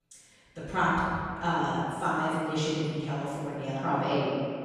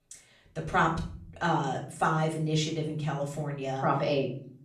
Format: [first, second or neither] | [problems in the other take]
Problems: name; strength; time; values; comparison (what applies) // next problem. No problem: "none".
second | room echo; strong; dies away in 2.3 s; slight in the second // off-mic speech; far; far in the second